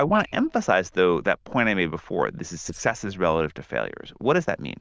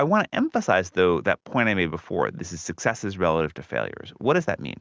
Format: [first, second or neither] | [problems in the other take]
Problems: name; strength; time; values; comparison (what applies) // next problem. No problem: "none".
second | noise reduction (neural diffusion model UNIVERSE++)